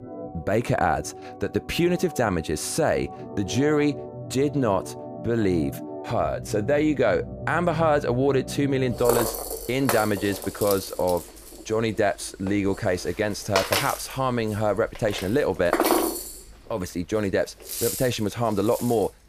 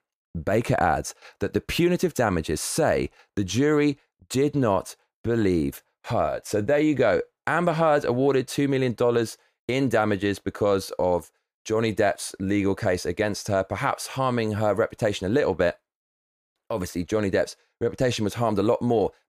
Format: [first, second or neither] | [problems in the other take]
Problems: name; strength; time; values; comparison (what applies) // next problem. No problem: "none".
second | background music; loud; throughout; 7 dB below the speech